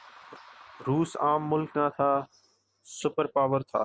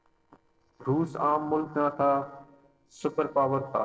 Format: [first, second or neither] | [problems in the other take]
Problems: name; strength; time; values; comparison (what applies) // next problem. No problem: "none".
first | noise reduction (neural separator model SepFormer DNS4)